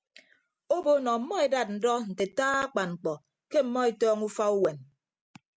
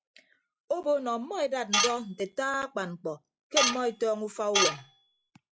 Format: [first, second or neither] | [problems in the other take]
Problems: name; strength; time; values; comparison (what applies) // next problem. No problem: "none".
first | noise reduction (classical method log-MMSE)